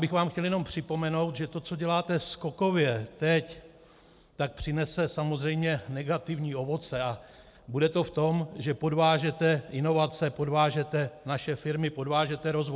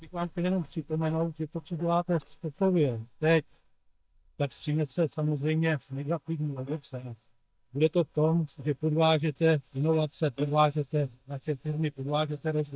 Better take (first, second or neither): first